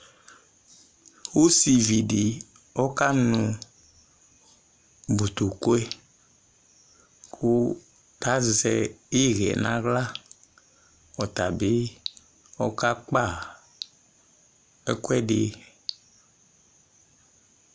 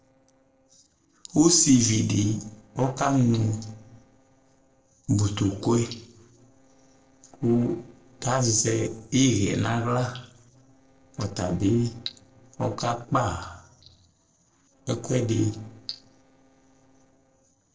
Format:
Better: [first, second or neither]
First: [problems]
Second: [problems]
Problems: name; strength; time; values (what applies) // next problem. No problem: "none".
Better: first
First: none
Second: noise reduction (neural separator model SepFormer DNS4)